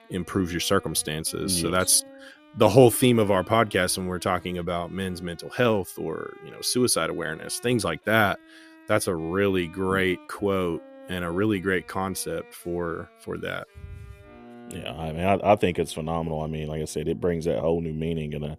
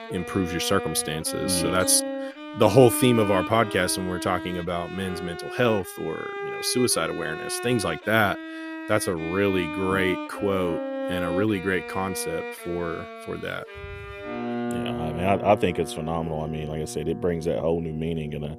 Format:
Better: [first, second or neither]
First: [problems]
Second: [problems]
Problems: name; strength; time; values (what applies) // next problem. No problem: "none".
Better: first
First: background music; faint; throughout; 25 dB below the speech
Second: background music; loud; throughout; 9 dB below the speech